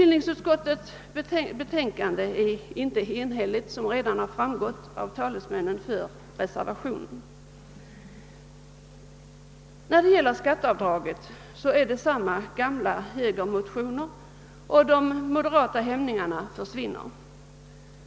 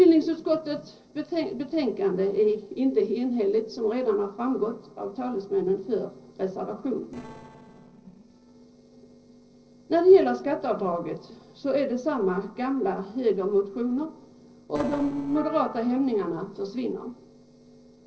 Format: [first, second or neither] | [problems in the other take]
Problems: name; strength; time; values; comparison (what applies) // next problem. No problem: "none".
first | noise reduction (neural separator model SepFormer DNS4)